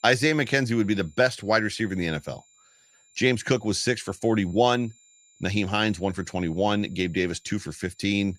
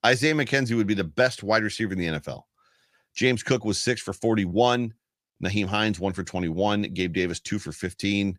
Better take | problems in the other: second | high-pitched whine; faint; throughout; 7 kHz, 30 dB below the speech

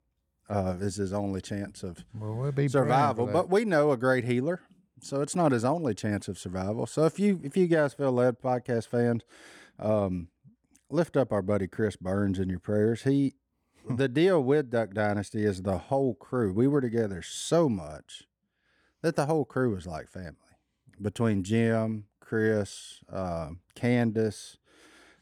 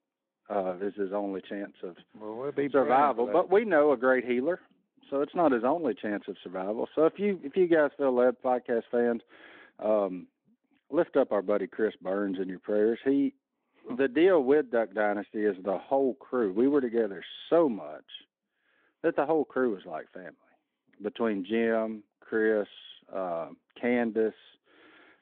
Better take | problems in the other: first | phone-call audio

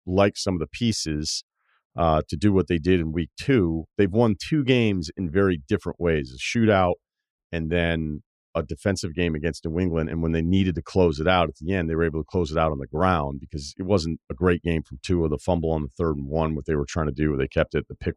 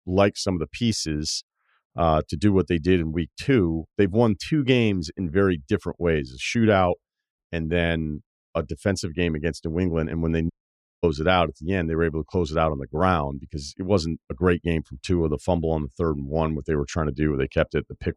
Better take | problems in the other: first | audio cutting out; at 11 s for 0.5 s

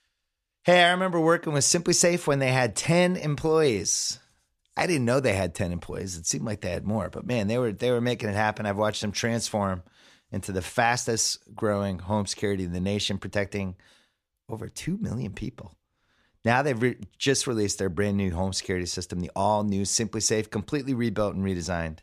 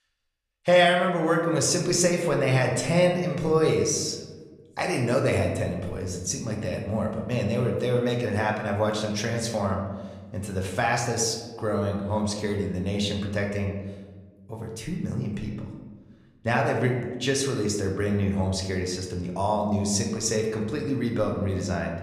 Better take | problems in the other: first | room echo; slight; dies away in 1.2 s

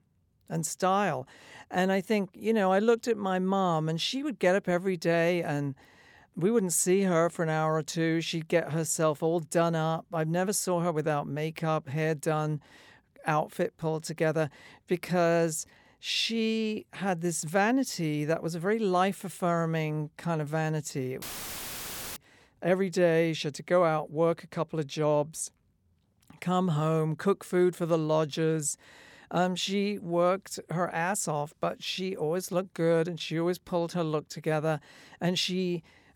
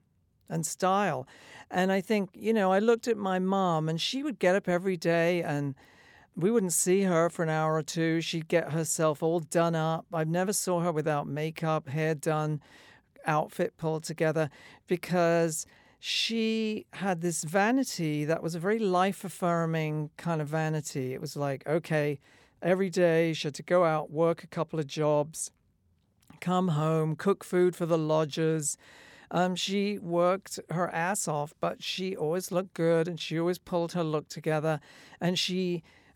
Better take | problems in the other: second | audio cutting out; filled with static; at 21 s for 1 s

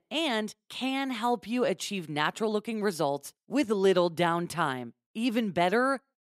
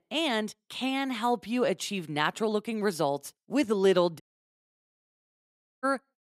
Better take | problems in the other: first | audio cutting out; at 4 s for 1.5 s

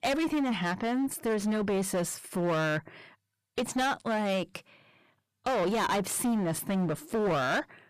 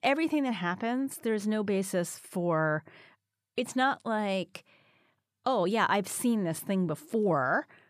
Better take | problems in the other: second | distortion; heavy; 18% of the sound clipped

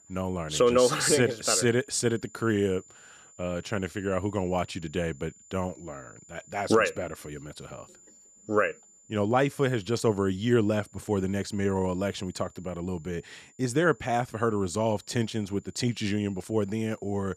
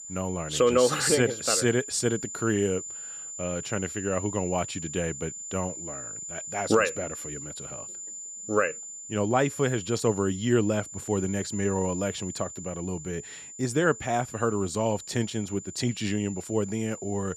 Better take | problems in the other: first | high-pitched whine; loud; throughout; 7 kHz, 9 dB below the speech; faint in the first

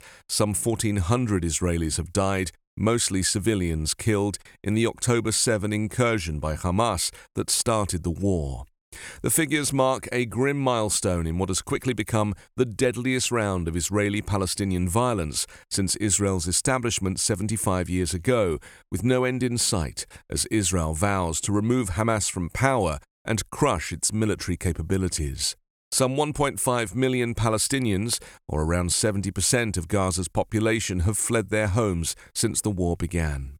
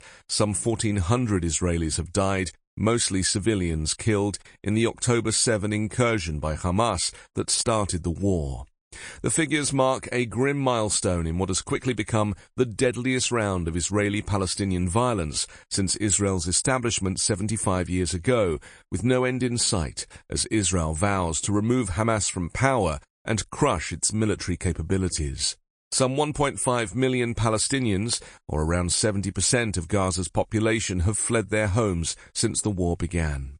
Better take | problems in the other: first | garbled, watery; slightly; nothing above 9 kHz

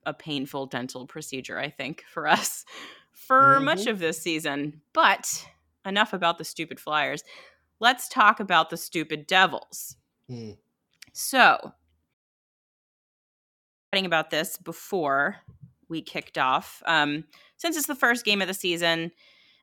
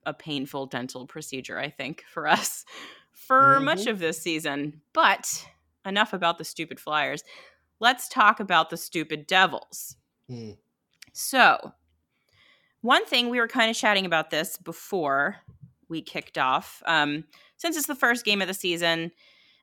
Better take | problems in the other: second | audio cutting out; at 12 s for 2 s

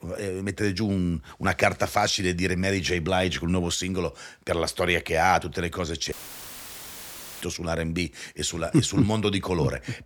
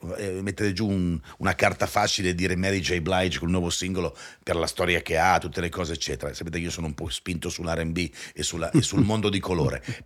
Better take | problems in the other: second | audio cutting out; filled with static; at 6 s for 1.5 s

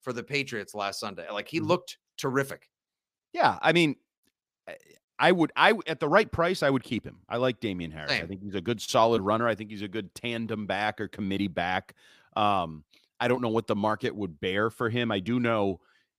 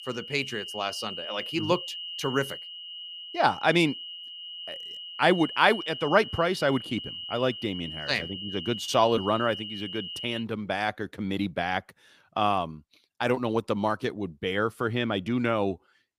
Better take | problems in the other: first | high-pitched whine; loud; until 10 s; 3 kHz, 9 dB below the speech

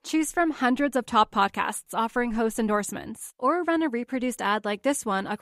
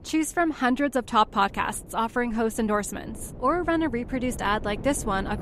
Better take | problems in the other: first | wind noise on the microphone; occasional gusts; 20 dB below the speech

